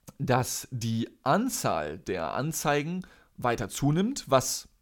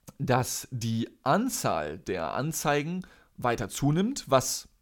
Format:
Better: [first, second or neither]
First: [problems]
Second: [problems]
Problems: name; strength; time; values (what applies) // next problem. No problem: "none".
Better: neither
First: none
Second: none